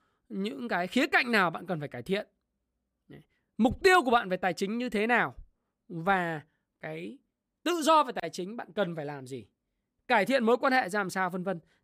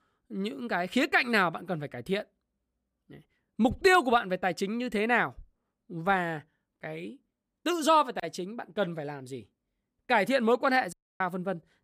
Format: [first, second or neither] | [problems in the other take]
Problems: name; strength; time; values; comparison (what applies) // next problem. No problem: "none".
first | audio cutting out; at 11 s